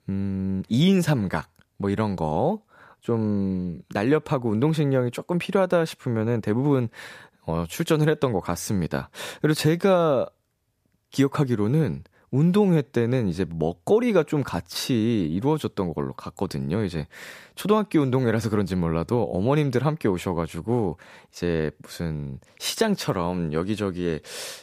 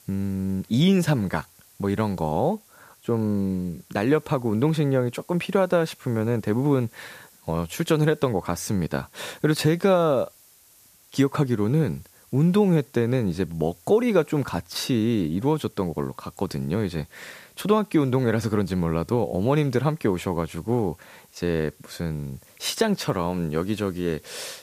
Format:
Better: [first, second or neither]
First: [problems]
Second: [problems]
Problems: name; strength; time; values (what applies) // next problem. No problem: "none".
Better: first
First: none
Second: hiss; faint; throughout; 30 dB below the speech